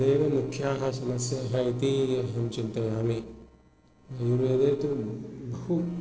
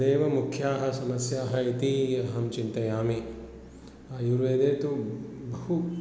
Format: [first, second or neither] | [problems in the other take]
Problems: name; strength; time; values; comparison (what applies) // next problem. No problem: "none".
second | noise reduction (neural separator model SepFormer DNS4)